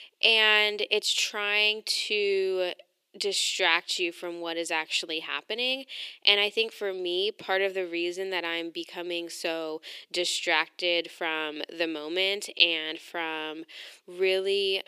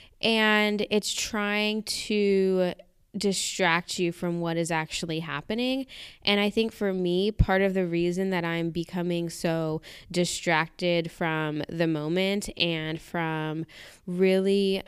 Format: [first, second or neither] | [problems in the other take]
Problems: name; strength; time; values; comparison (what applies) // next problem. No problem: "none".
second | thin; very; fading below 350 Hz